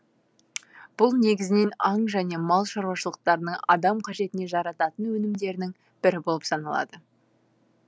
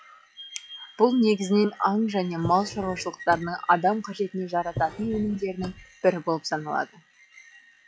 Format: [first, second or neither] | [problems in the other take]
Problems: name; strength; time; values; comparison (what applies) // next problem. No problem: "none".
first | noise reduction (classical method log-MMSE)